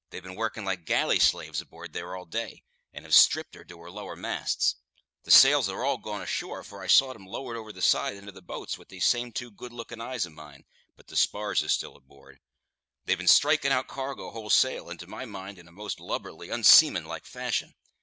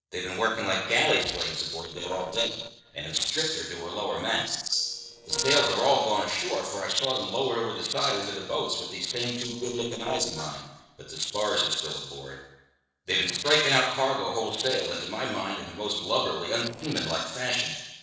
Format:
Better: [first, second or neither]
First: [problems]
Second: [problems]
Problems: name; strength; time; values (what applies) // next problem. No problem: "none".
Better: first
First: none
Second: noise reduction (neural separator model SepFormer DNS4)